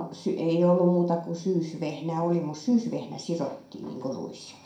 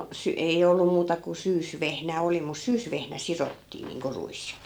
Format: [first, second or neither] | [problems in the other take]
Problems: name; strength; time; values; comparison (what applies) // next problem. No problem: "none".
second | room echo; dies away in 0.4 s